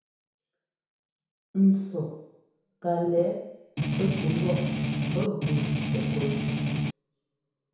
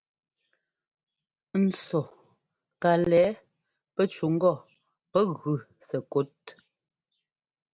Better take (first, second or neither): second